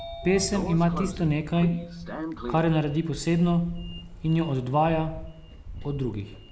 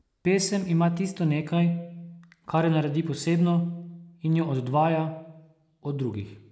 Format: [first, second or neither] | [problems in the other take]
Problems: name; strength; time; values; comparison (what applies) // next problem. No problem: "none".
second | background sound (Sliding door + Wind); 11 dB below the speech